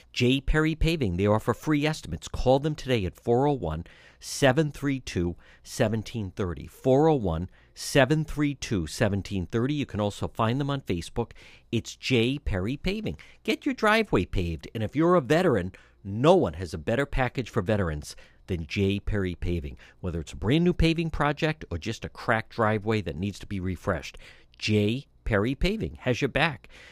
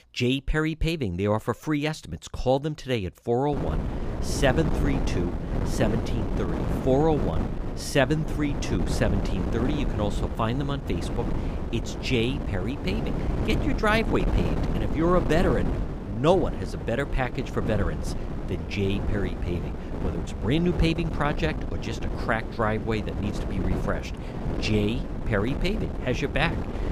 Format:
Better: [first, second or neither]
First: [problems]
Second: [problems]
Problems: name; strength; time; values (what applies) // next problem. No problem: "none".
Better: first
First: none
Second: wind noise on the microphone; heavy; from 3.5 s on; 7 dB below the speech